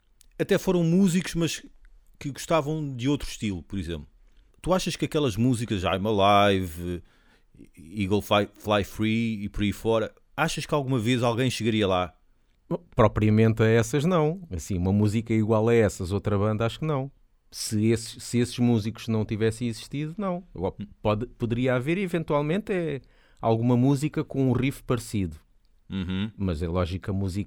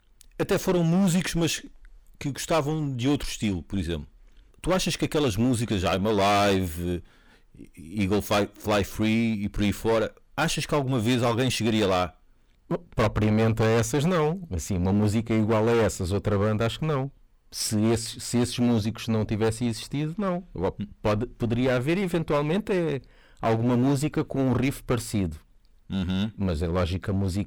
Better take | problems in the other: first | distortion; heavy; 13% of the sound clipped

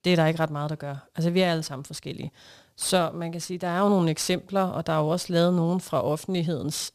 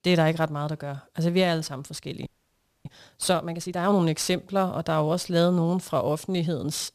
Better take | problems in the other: first | audio freezing; at 2.5 s for 0.5 s

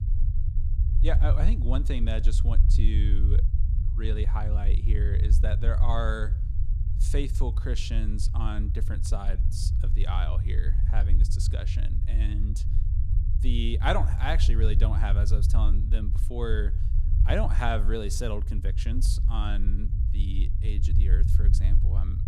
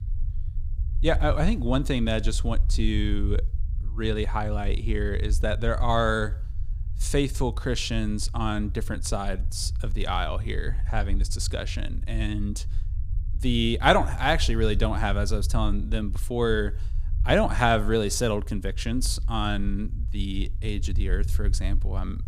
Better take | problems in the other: second | low rumble; loud; throughout; 9 dB below the speech; faint in the second

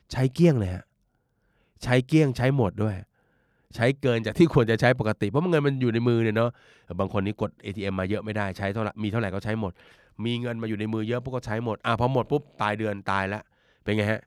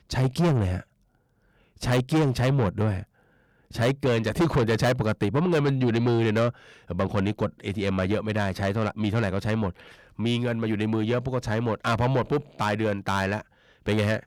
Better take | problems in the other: first | distortion; heavy; 8 dB below the speech

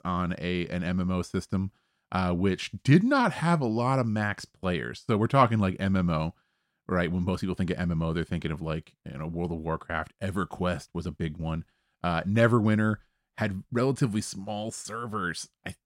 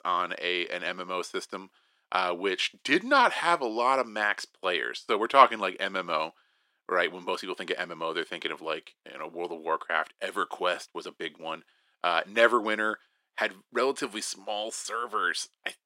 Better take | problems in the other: first | thin; very; fading below 350 Hz

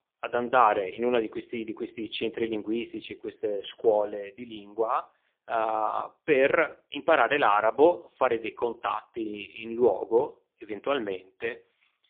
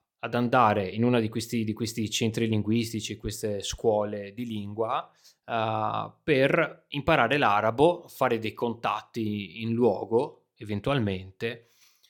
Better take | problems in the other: second | phone-call audio; poor line

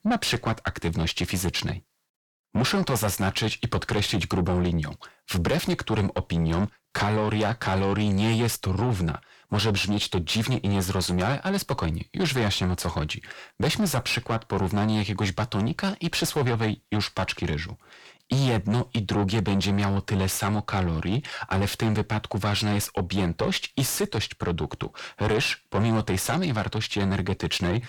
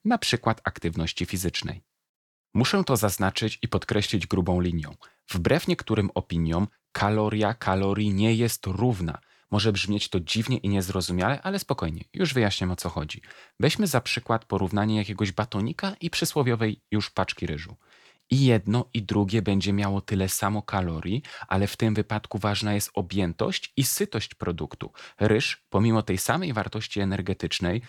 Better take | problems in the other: second | distortion; heavy; 7 dB below the speech

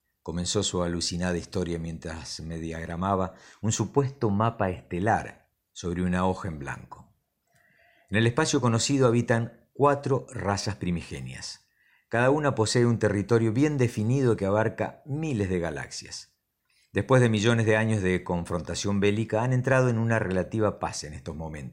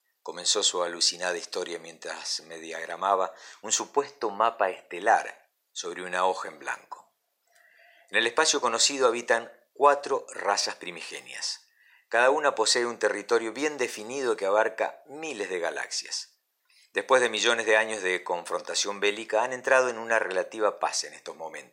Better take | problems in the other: first | thin; very; fading below 500 Hz

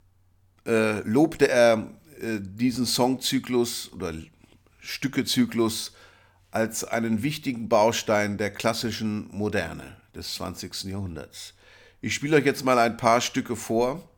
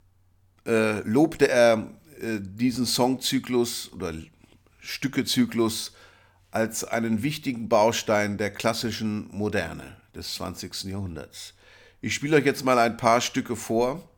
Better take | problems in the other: neither | none

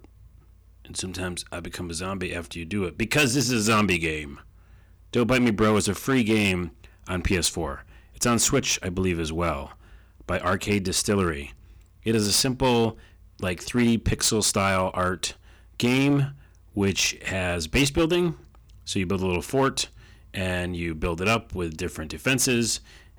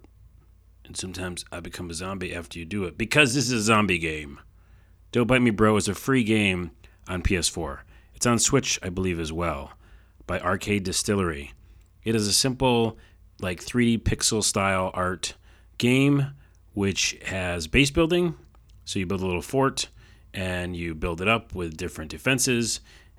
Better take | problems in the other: second | distortion; slight; 5% of the sound clipped

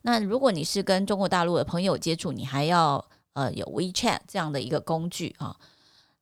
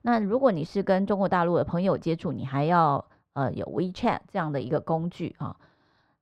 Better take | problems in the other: first | muffled; very; fading above 4 kHz

